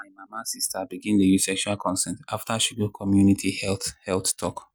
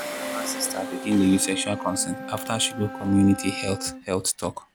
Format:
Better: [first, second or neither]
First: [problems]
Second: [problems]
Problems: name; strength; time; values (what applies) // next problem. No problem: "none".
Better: first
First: none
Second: background sound (Engine + Wind instrument, woodwind instrument); 9 dB below the speech